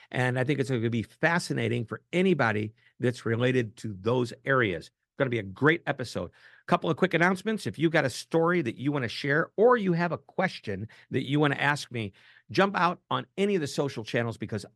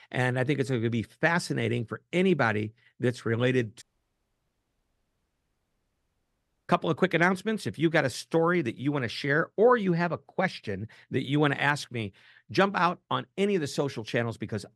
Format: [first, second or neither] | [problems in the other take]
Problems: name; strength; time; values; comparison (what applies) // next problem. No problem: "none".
first | audio cutting out; at 4 s for 3 s